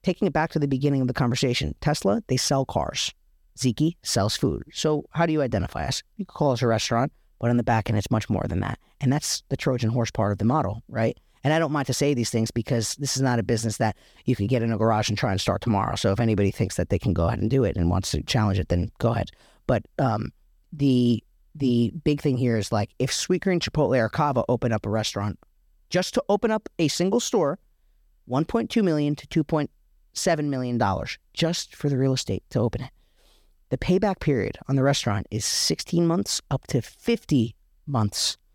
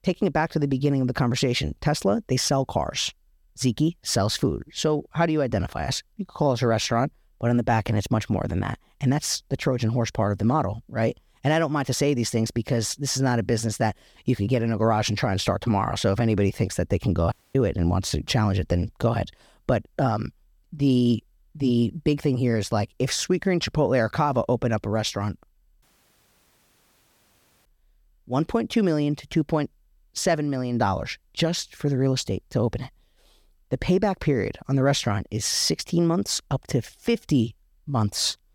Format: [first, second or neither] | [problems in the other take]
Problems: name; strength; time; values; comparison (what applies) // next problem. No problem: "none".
first | audio cutting out; at 17 s and at 26 s for 2 s